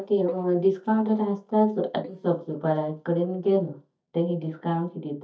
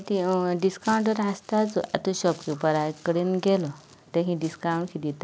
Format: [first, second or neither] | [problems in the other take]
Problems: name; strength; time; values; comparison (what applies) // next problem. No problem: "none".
second | noise reduction (neural mask model DeepFilterNet 3)